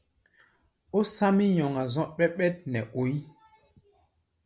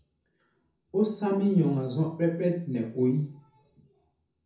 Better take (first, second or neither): first